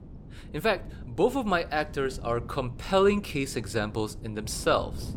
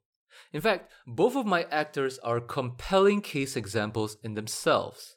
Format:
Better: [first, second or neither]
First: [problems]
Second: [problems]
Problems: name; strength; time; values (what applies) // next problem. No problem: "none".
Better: second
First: wind noise on the microphone; occasional gusts; 25 dB below the speech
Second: none